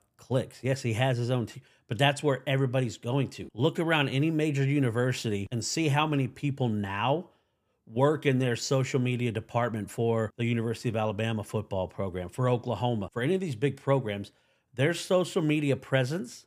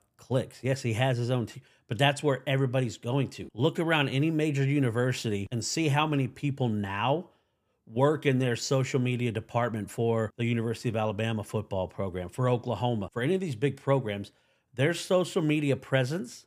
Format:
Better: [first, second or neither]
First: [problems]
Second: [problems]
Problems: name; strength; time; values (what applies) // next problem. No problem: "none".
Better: neither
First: none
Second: none